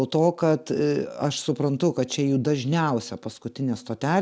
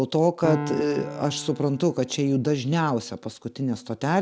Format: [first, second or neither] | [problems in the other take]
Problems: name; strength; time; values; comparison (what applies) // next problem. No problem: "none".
first | background sound (Piano); 11 dB below the speech